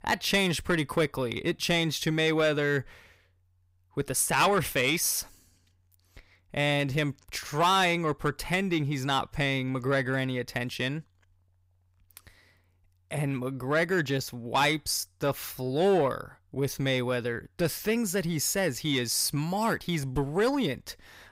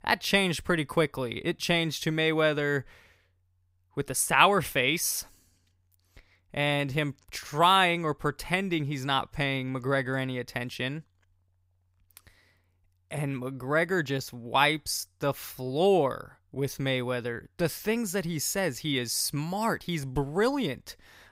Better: second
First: distortion; slight; 10 dB below the speech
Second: none

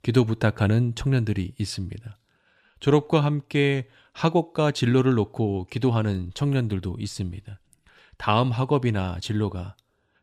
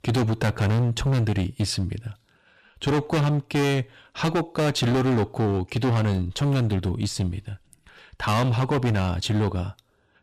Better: first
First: none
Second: distortion; heavy; 20% of the sound clipped

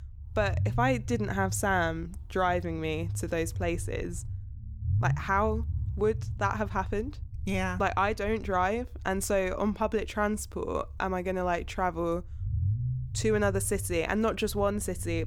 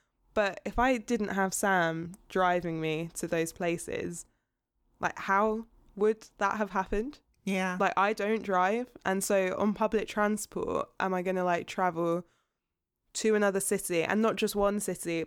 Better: second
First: low rumble; faint; throughout; 20 dB below the speech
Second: none

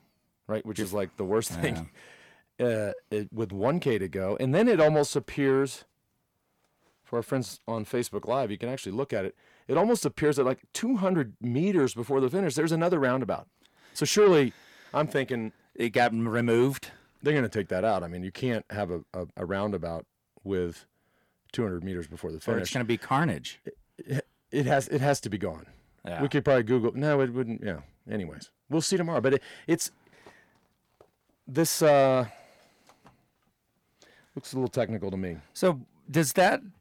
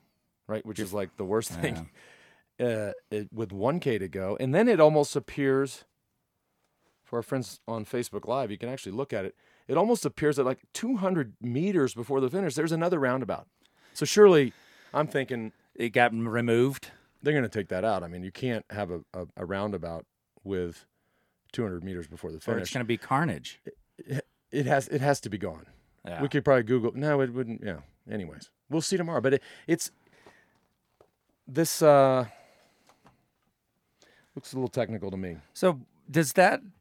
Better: second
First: distortion; slight; 10 dB below the speech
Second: none

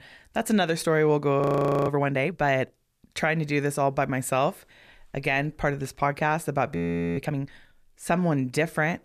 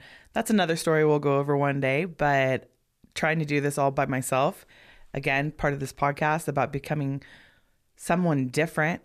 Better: second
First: audio freezing; at 1.5 s and at 7 s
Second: none

